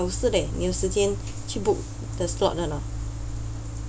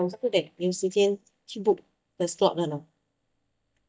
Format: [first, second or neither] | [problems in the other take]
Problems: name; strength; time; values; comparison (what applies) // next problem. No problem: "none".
first | noise reduction (neural mask model DeepFilterNet 3)